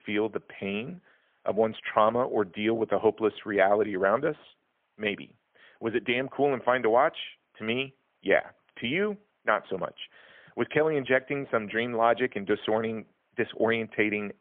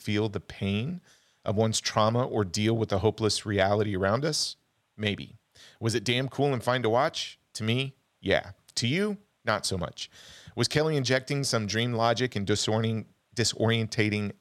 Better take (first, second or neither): second